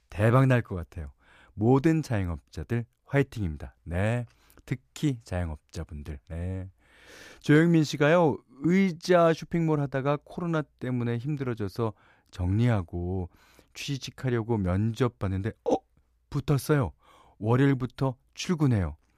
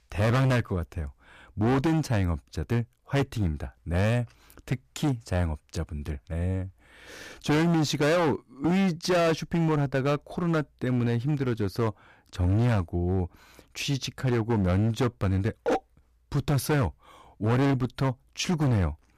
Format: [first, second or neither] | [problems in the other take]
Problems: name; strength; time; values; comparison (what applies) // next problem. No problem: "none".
first | distortion; heavy; 14% of the sound clipped